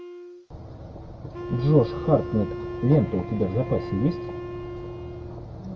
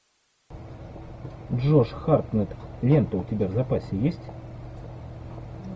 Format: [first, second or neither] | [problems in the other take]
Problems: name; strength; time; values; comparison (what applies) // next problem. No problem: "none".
second | background sound (Wind instrument, woodwind instrument); 10 dB below the speech // room echo; dies away in 1.1 s